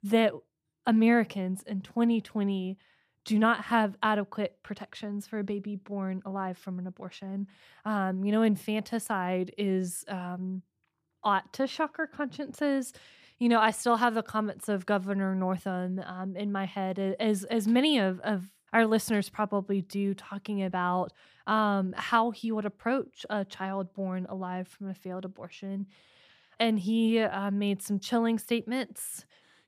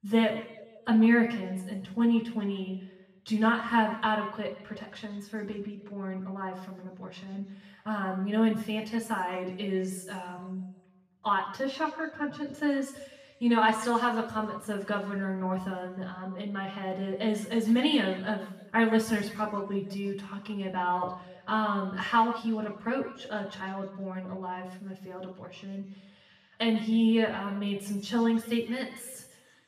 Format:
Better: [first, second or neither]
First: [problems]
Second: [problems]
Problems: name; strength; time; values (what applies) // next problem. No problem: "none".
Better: first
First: none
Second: room echo; noticeable; dies away in 1 s // off-mic speech; far